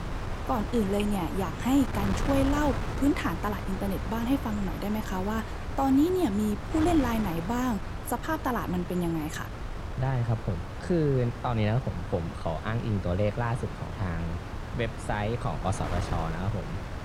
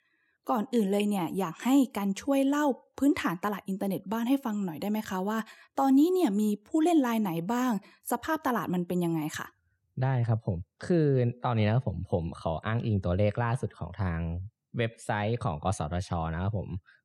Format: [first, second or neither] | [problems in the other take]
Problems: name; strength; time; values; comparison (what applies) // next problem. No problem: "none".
second | wind noise on the microphone; heavy; 7 dB below the speech